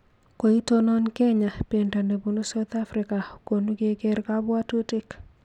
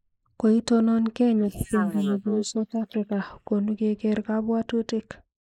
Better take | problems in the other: first | noise reduction (neural mask model Resemble Enhance denoiser)

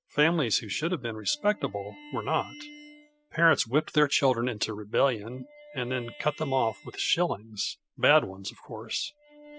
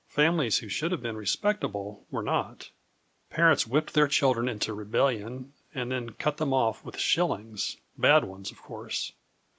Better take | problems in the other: second | noise reduction (classical method spectral subtraction)

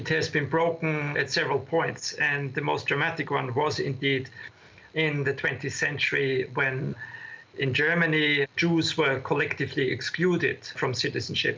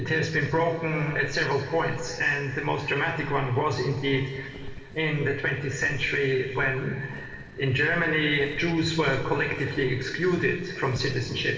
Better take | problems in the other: first | background sound (Walk, footsteps); 15 dB below the speech // room echo; dies away in 2.3 s

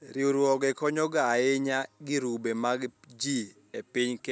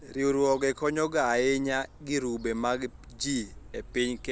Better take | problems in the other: first | background sound (Gull, seagull / Fowl); 19 dB below the speech

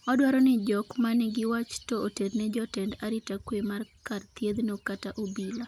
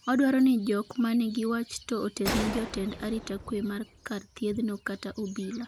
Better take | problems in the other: first | background sound (Gunshot, gunfire); 9 dB below the speech

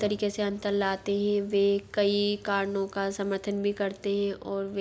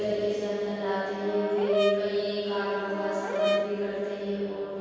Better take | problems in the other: first | background sound (Brass instrument); 2 dB below the speech // room echo; dies away in 2.2 s

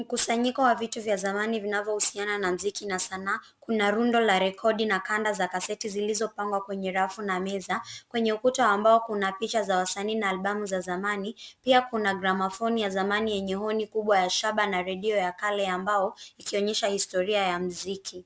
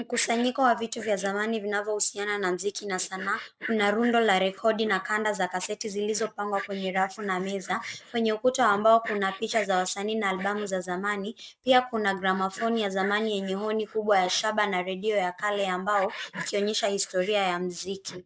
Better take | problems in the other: first | noise reduction (neural mask model Resemble Enhance denoiser)

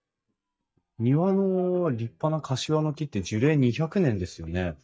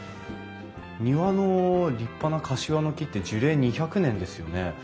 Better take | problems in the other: second | noise reduction (neural mask model DeepFilterNet 3)

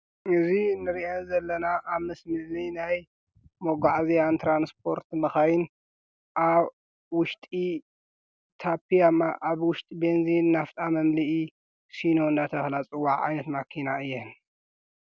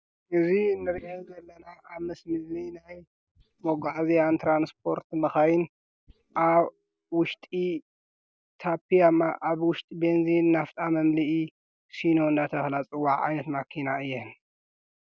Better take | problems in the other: first | noise reduction (neural mask model DeepFilterNet 3)

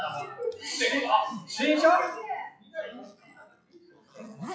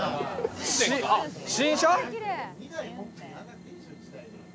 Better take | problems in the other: second | noise reduction (classical method WPE with log-MMSE)

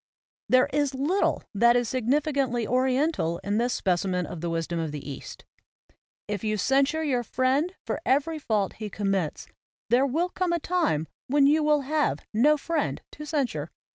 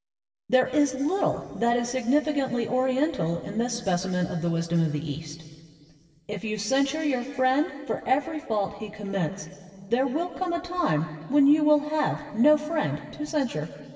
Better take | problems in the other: first | room echo; dies away in 2.8 s

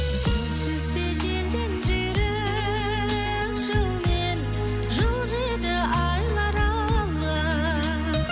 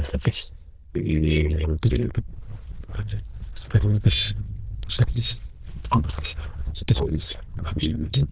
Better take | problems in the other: first | noise reduction (neural diffusion model UNIVERSE++)

